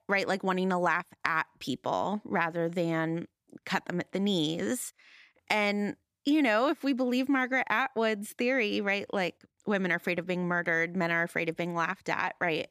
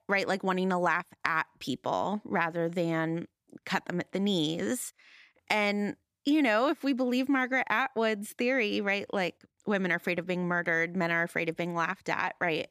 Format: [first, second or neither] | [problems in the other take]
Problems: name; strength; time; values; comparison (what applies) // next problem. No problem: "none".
neither | none